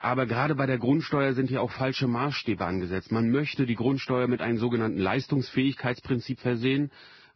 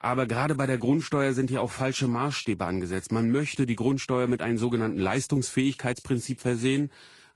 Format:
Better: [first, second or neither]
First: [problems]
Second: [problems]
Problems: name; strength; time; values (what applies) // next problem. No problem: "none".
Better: second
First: garbled, watery; badly; nothing above 5.5 kHz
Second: garbled, watery; slightly; nothing above 10.5 kHz